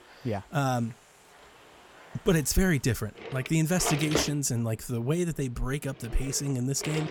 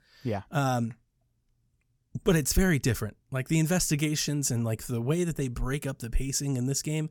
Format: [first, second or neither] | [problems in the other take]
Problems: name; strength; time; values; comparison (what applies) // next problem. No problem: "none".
second | household noises; loud; throughout; 8 dB below the speech